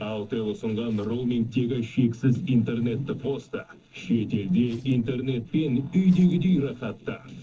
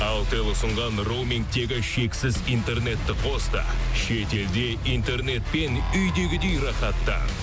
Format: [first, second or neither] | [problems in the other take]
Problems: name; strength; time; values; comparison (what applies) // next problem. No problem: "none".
second | noise reduction (neural separator model SepFormer DNS4)